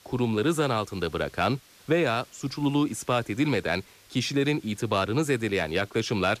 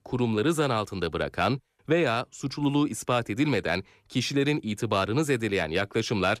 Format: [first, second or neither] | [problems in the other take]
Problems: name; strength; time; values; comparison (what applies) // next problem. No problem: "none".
second | hiss; faint; throughout; 25 dB below the speech